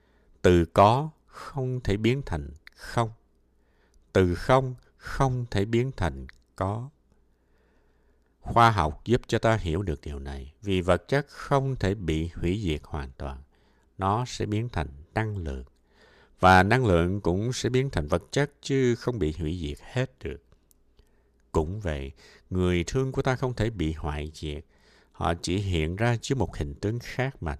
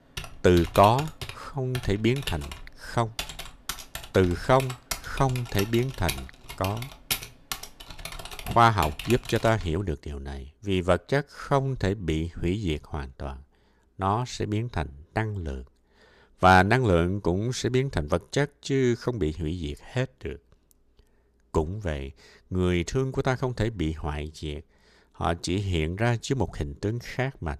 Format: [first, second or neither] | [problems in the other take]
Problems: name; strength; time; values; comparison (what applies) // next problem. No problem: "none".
first | keyboard typing; noticeable; until 9.5 s; peak 3 dB below the speech